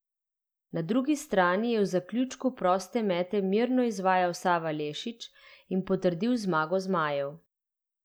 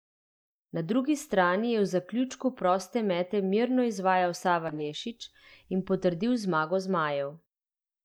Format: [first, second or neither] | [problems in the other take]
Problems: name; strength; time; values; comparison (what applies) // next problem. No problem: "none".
first | noise reduction (neural mask model DeepFilterNet 3)